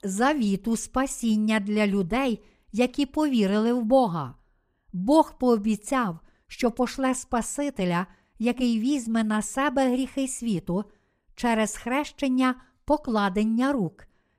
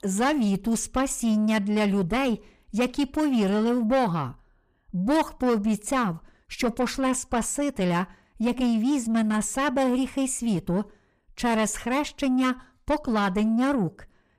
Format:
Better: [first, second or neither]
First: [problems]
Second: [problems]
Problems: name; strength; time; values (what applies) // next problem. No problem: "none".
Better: first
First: none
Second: distortion; slight; 10 dB below the speech